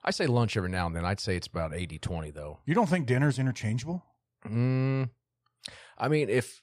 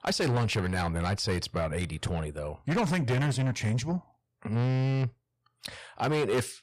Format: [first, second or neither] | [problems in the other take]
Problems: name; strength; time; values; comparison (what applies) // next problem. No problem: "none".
first | distortion; heavy; 7 dB below the speech